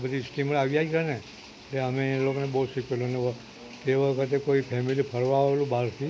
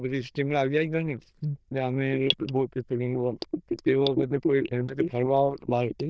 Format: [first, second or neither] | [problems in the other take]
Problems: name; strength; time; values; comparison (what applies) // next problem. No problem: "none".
first | noise reduction (neural diffusion model UNIVERSE++)